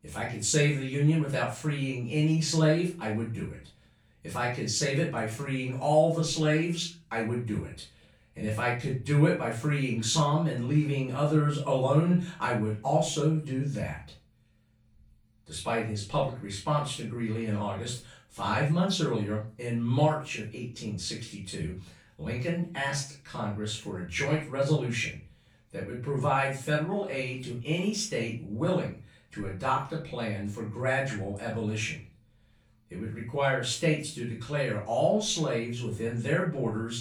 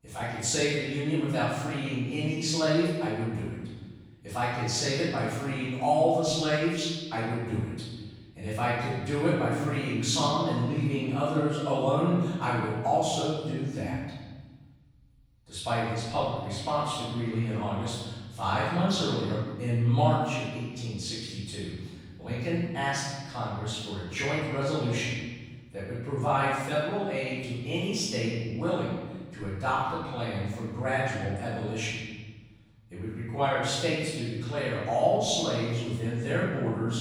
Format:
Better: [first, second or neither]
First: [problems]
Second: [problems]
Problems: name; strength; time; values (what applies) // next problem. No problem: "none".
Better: first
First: room echo; slight; dies away in 0.3 s // off-mic speech; far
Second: room echo; strong; dies away in 1.4 s // off-mic speech; far